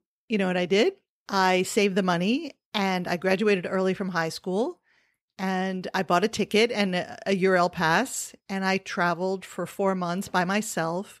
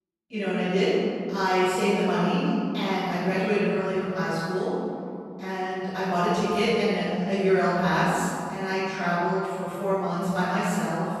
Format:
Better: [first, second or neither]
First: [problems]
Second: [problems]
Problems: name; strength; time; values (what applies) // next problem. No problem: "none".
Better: first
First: none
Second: off-mic speech; far // room echo; strong; dies away in 2.4 s